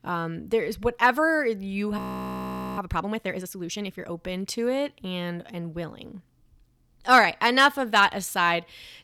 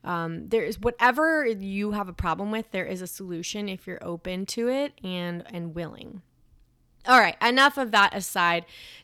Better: second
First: audio freezing; at 2 s for 1 s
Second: none

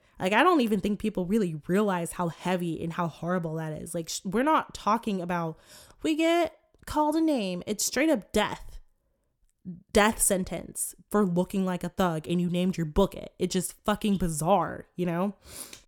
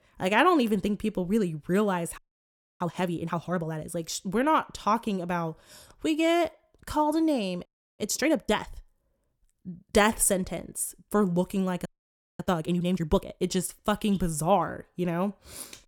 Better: first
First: none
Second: audio freezing; at 2 s for 0.5 s, at 7.5 s and at 12 s for 0.5 s

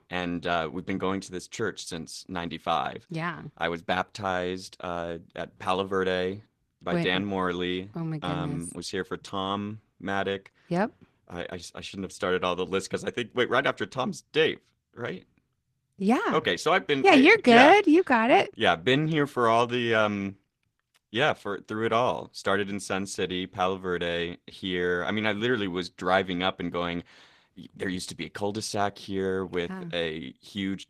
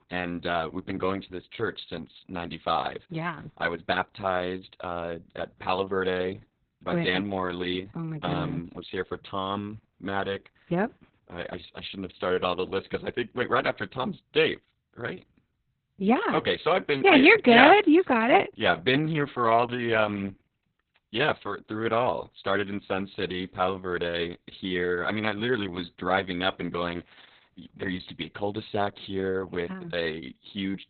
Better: first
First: garbled, watery; slightly; nothing above 13.5 kHz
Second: garbled, watery; badly; nothing above 4 kHz

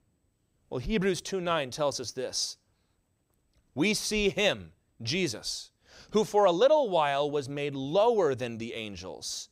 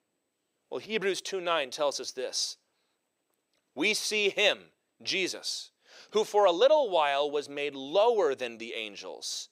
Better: first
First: none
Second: thin; somewhat; fading below 400 Hz

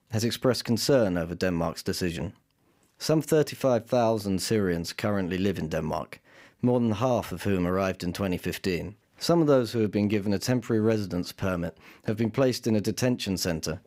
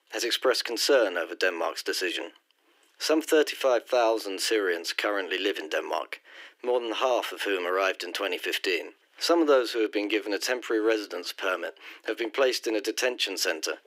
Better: first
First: none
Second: thin; very; fading below 300 Hz

